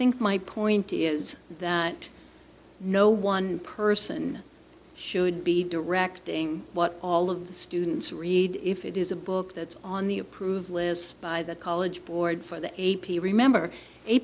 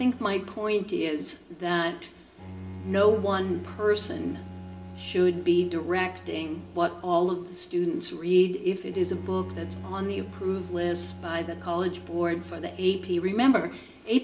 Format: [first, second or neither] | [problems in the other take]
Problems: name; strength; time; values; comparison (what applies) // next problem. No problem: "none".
first | background sound (Bowed string instrument); 15 dB below the speech // room echo; dies away in 0.6 s